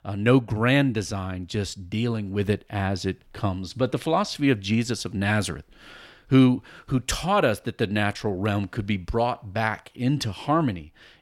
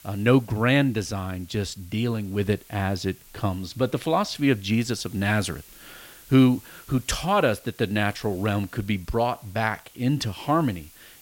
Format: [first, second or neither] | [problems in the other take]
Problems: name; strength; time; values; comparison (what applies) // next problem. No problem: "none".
first | hiss; faint; throughout; 25 dB below the speech